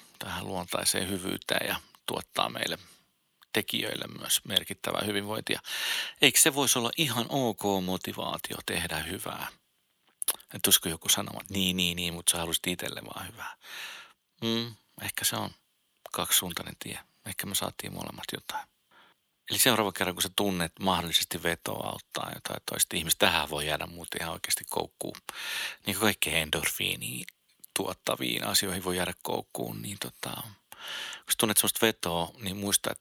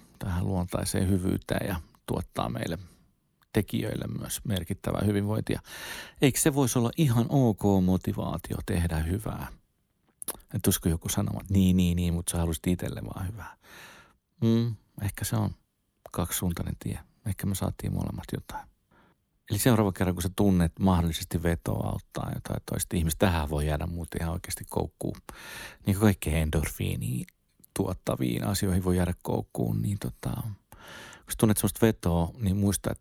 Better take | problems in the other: second | thin; somewhat; fading below 1 kHz

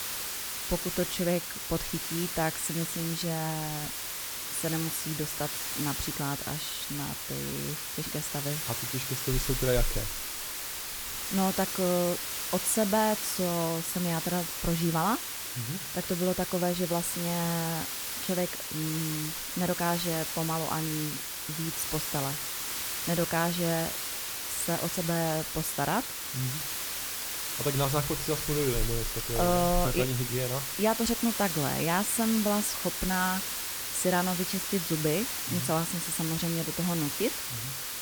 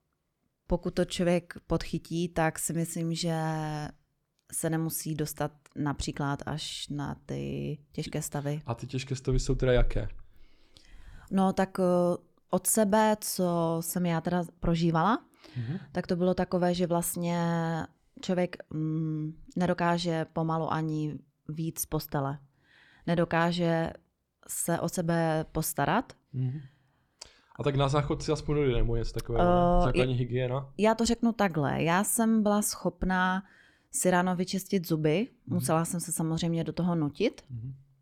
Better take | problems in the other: second | hiss; loud; throughout; 1 dB below the speech

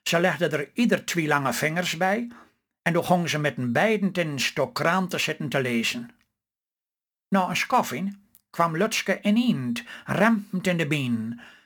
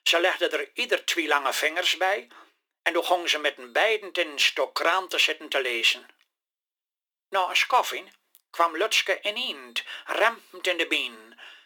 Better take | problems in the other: first | thin; very; fading below 350 Hz

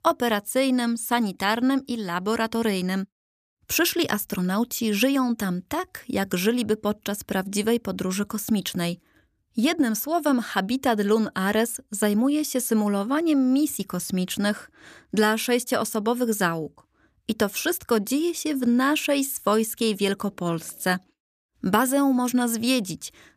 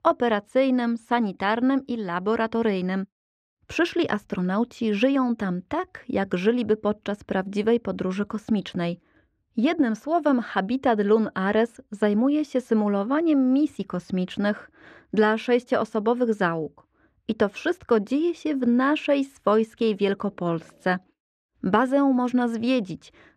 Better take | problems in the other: first | muffled; very; fading above 2.5 kHz

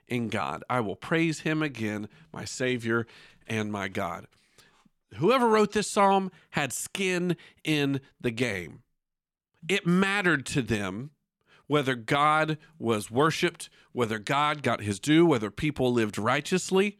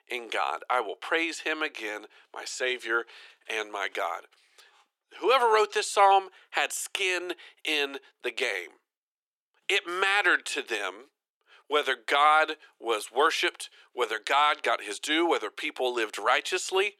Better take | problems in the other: first | thin; very; fading below 350 Hz

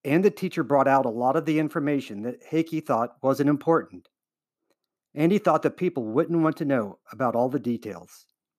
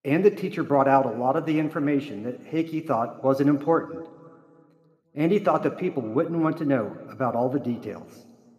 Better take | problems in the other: first | room echo; slight; dies away in 1.5 s

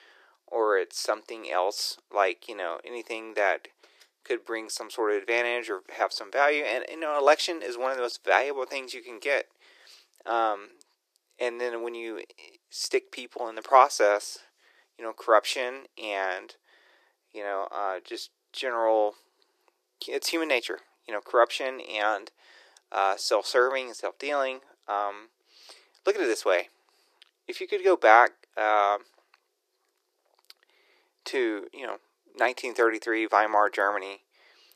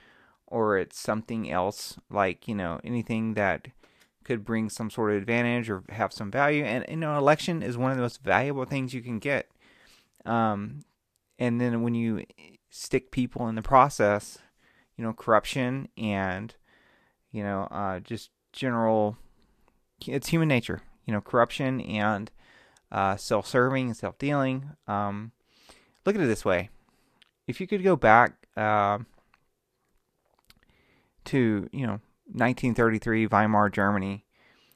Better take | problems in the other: second | thin; very; fading below 350 Hz

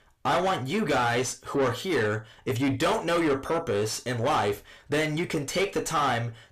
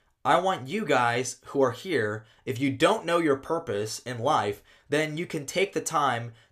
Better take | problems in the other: second | distortion; heavy; 6 dB below the speech

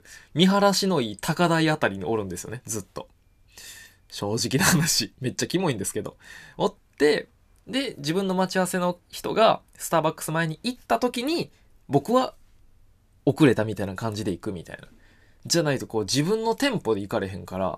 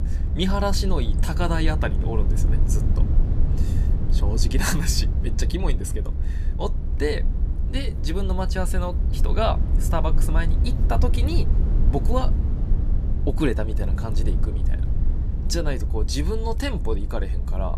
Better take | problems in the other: first | low rumble; noticeable; throughout; 10 dB below the speech

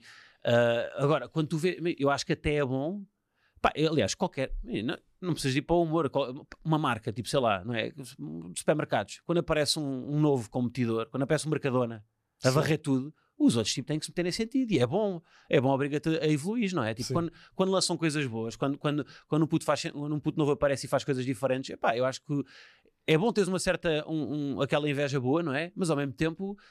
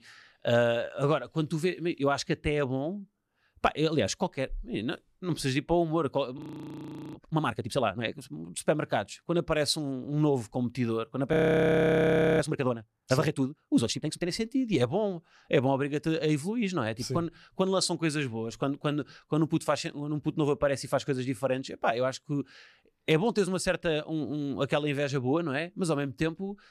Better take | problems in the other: first | audio freezing; at 6.5 s for 1 s and at 11 s for 1 s

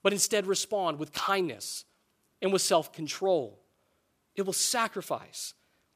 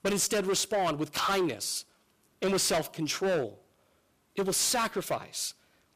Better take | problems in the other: first | distortion; heavy; 14% of the sound clipped

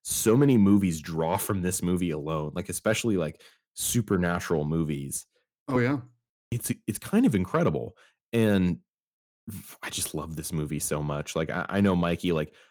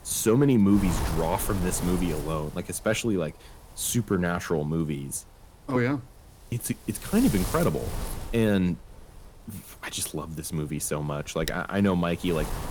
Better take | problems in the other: first | wind noise on the microphone; heavy; 9 dB below the speech

